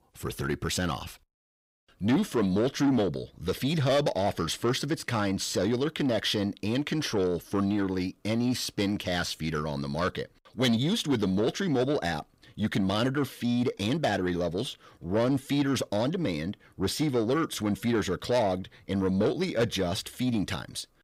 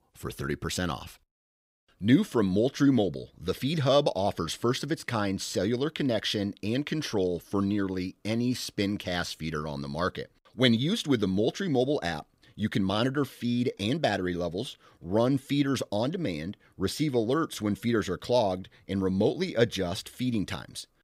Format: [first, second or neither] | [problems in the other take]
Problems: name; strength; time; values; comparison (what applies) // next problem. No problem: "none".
second | distortion; slight; 10 dB below the speech